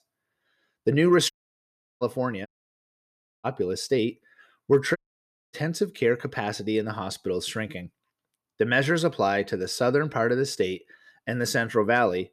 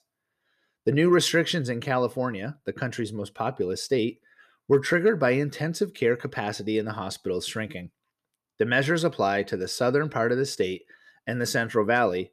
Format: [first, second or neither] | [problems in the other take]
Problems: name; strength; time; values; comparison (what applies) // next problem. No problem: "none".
second | audio cutting out; at 1.5 s for 0.5 s, at 2.5 s for 1 s and at 5 s for 0.5 s